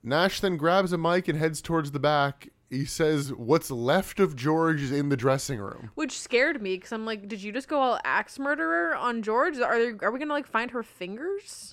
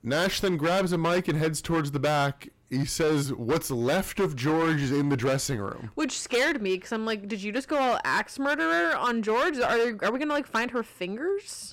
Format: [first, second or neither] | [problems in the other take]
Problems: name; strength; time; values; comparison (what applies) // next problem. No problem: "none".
first | distortion; heavy; 13% of the sound clipped